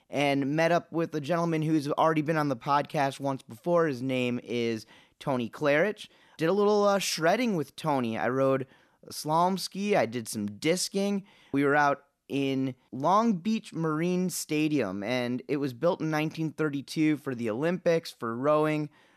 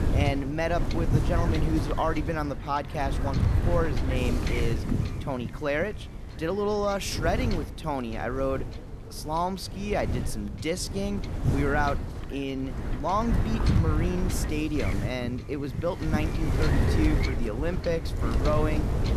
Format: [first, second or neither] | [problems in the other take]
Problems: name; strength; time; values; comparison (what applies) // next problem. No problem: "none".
first | wind noise on the microphone; heavy; 7 dB below the speech